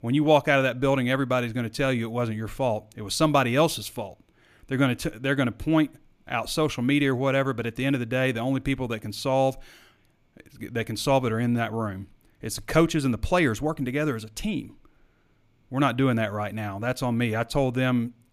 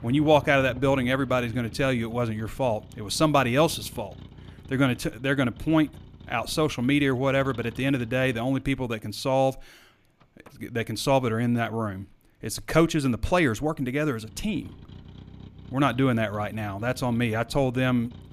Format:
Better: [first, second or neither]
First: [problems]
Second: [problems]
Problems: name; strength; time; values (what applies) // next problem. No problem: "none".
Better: first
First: none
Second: traffic noise; noticeable; throughout; 20 dB below the speech